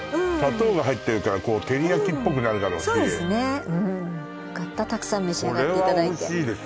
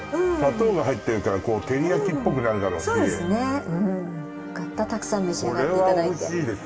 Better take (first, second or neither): first